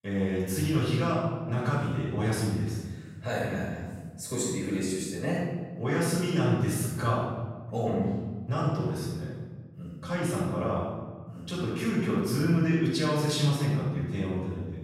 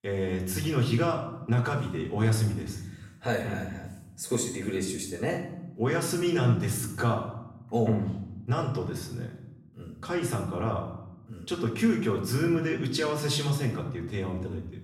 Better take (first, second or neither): second